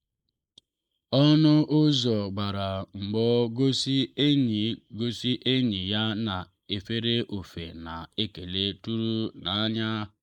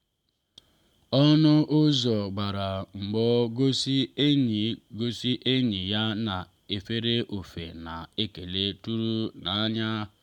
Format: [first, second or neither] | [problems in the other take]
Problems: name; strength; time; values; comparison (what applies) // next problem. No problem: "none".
second | noise reduction (neural mask model Resemble Enhance denoiser)